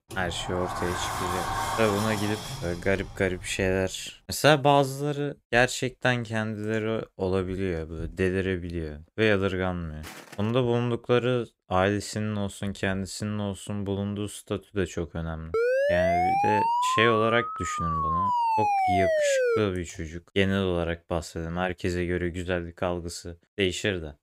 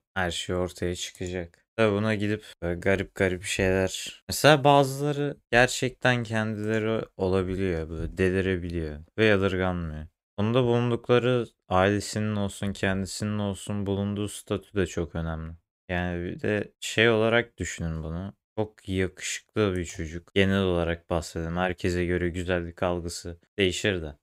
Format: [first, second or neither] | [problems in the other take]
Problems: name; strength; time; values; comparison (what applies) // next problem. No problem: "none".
second | door banging; noticeable; until 4 s; peak 1 dB below the speech // footsteps; faint; at 10 s; peak 15 dB below the speech // siren; loud; from 16 to 20 s; peak 4 dB above the speech